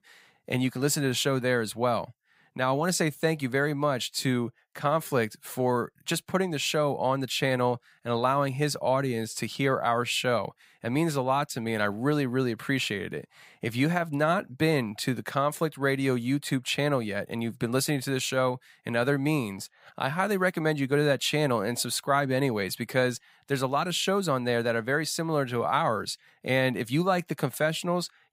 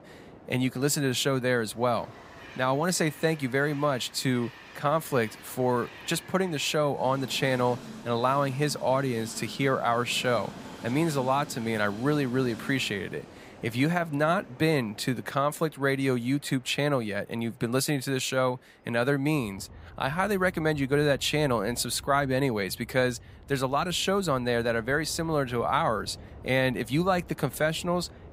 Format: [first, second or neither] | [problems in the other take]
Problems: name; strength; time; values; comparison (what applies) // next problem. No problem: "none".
first | train or aircraft noise; noticeable; throughout; 20 dB below the speech